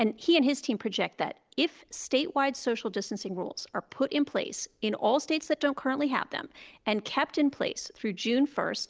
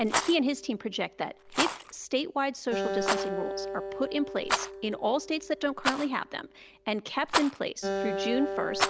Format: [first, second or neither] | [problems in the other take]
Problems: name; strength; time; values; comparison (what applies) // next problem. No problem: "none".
first | background sound (Acoustic guitar + Rattle); 2 dB below the speech